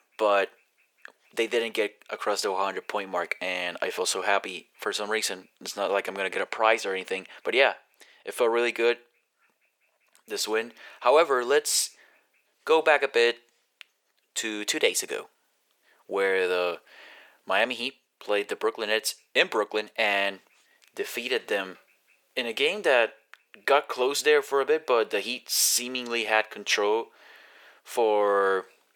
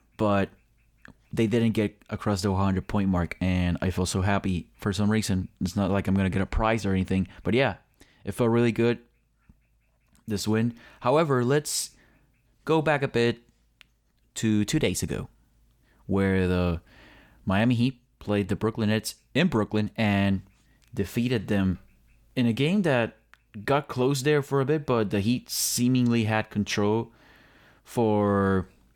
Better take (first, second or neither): second